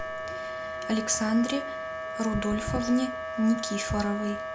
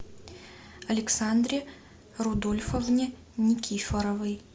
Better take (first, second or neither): second